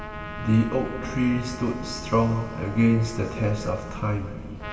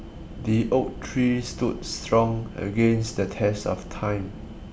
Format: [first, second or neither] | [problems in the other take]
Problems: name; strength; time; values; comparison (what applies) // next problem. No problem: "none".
second | background sound (Trumpet); 15 dB below the speech // room echo; dies away in 2.6 s